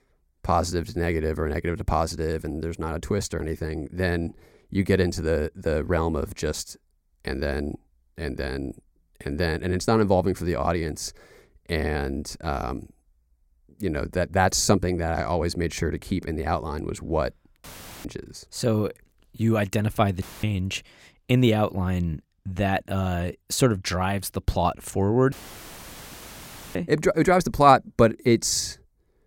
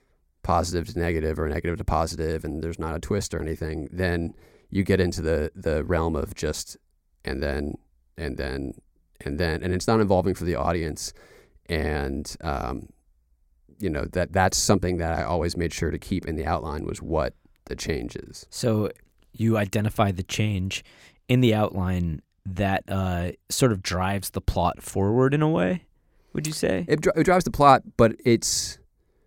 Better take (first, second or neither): second